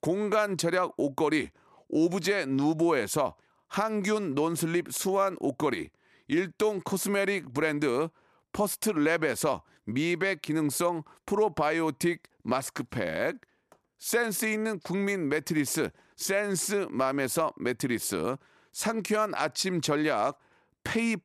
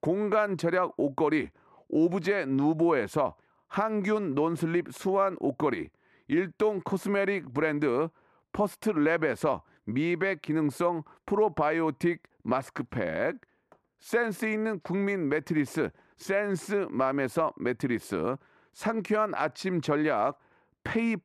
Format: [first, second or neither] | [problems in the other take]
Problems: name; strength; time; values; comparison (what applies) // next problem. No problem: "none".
first | muffled; slightly; fading above 3.5 kHz